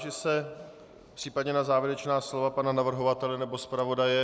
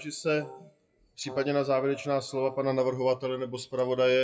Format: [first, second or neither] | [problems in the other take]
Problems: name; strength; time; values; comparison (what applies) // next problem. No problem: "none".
first | noise reduction (classical method WPE with log-MMSE)